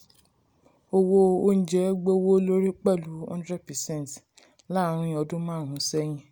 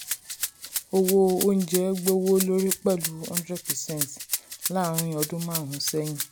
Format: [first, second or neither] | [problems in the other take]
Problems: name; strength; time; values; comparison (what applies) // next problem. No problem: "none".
first | background sound (Rattle (instrument)); 7 dB below the speech